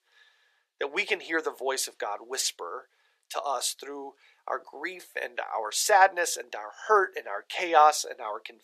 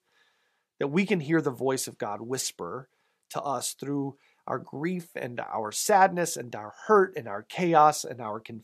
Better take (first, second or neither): second